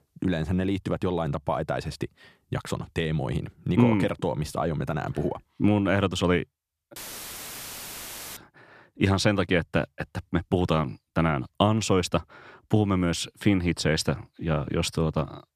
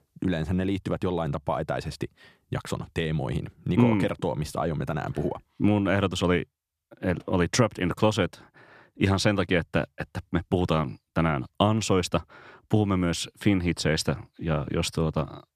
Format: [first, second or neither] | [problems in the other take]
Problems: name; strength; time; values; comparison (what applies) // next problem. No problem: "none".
second | audio cutting out; filled with static; at 7 s for 1.5 s